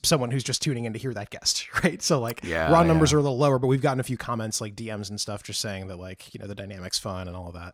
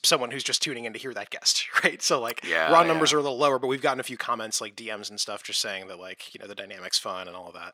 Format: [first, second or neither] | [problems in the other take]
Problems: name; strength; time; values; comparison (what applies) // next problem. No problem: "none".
first | thin; somewhat; fading below 400 Hz